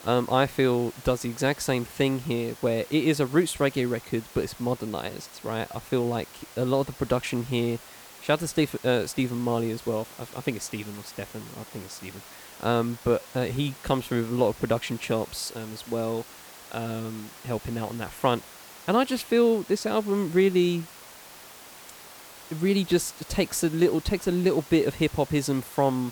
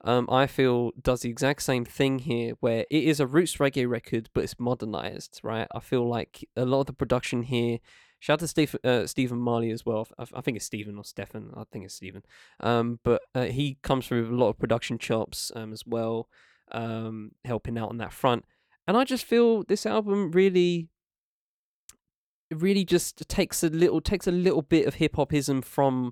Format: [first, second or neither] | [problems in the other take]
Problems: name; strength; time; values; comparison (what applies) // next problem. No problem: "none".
second | hiss; noticeable; throughout; 20 dB below the speech